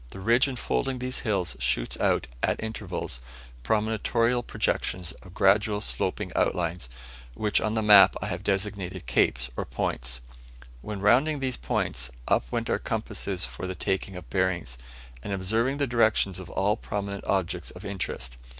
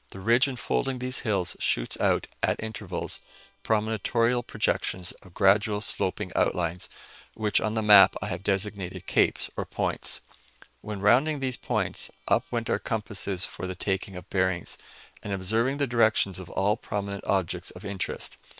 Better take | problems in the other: first | noise reduction (neural separator model SepFormer WHAM!)

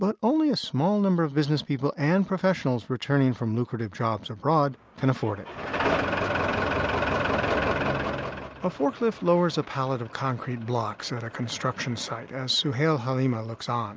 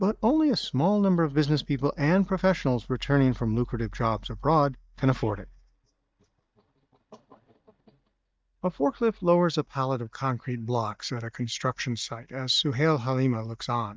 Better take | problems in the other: first | noise reduction (neural mask model DeepFilterNet 3)

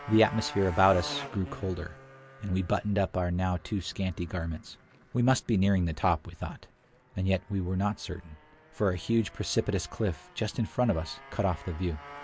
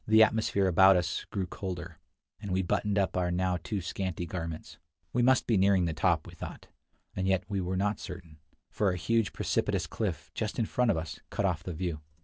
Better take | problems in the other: second | background sound (Motorcycle); 18 dB below the speech

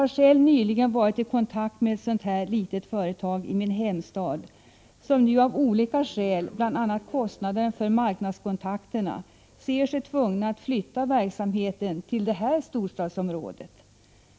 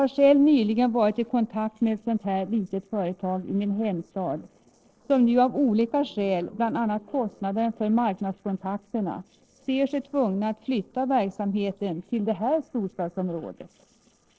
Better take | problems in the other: first | noise reduction (neural separator model SepFormer DNS4)

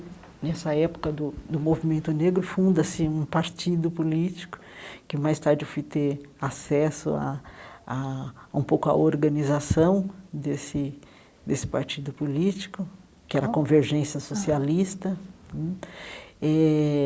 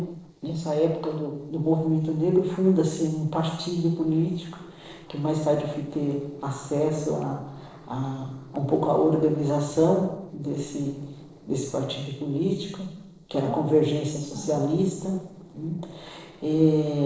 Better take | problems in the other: first | noise reduction (neural separator model SepFormer DNS4)

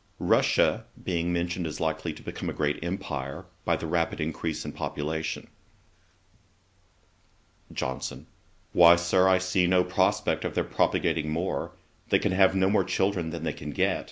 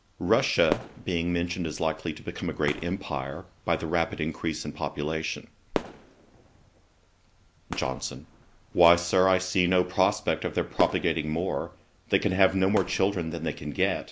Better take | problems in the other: first | background sound (Fireworks); 14 dB below the speech

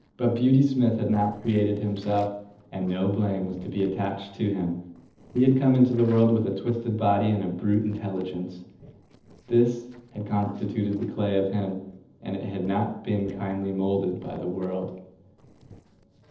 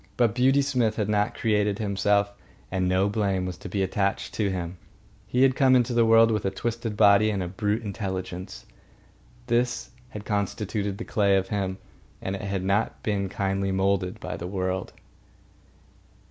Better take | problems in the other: second | noise reduction (neural separator model SepFormer DNS4)

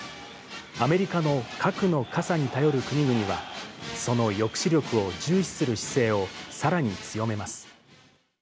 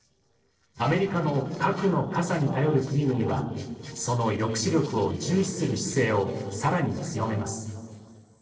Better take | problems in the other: first | noise reduction (neural separator model SepFormer DNS4)

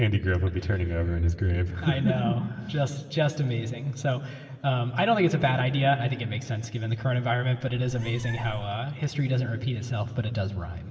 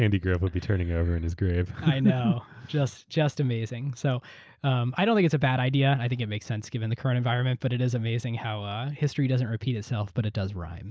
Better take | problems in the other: second | background sound (Meow); 17 dB below the speech // room echo; dies away in 2.4 s

